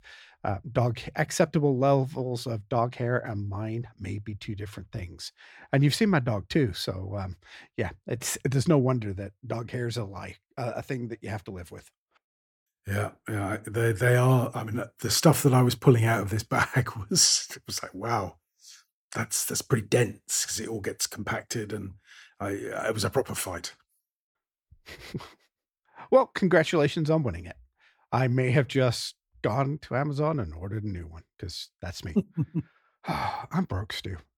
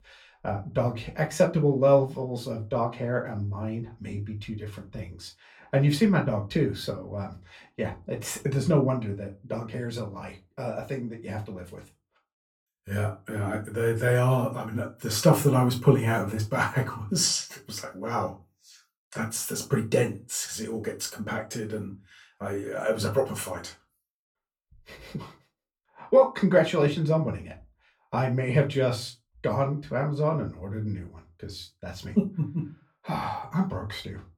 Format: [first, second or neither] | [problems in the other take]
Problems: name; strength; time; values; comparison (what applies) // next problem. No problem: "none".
first | off-mic speech; somewhat distant // room echo; very slight; dies away in 0.2 s